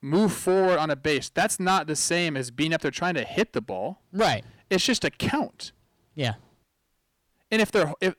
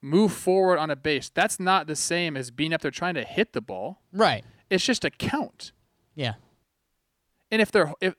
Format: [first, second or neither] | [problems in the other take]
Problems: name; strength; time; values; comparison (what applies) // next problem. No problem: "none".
second | distortion; slight; 10 dB below the speech